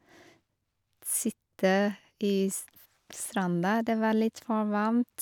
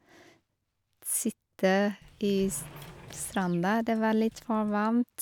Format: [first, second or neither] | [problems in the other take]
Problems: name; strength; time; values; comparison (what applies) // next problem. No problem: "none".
first | background sound (Sliding door); 20 dB below the speech